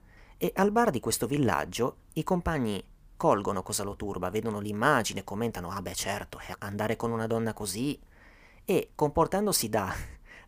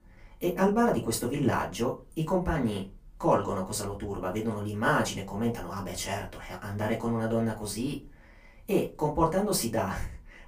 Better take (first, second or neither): first